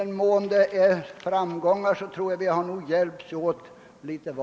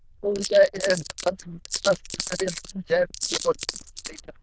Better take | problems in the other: first | noise reduction (neural diffusion model UNIVERSE++)

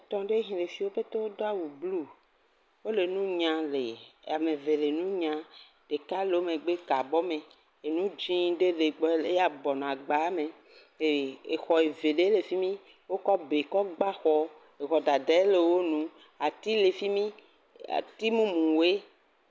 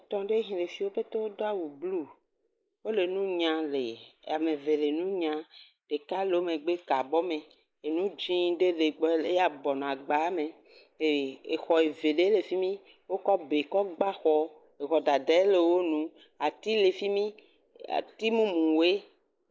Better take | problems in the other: first | noise reduction (neural mask model Resemble Enhance denoiser)

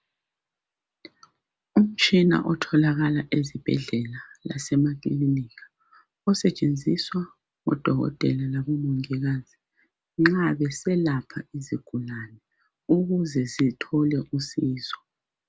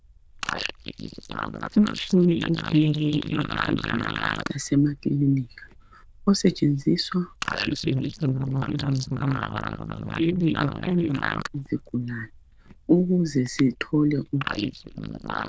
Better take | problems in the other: first | noise reduction (neural diffusion model UNIVERSE++)

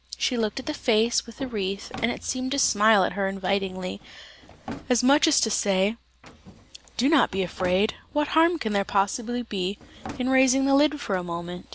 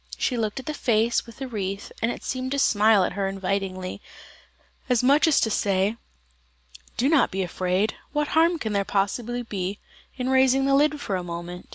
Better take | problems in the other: second | background sound (Drawer open or close); 20 dB below the speech

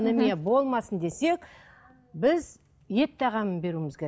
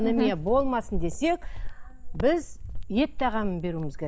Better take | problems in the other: first | background sound (Cricket); 4 dB below the speech

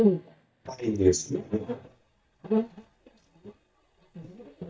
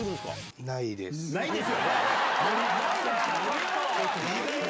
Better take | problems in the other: second | noise reduction (neural mask model DeepFilterNet 3)

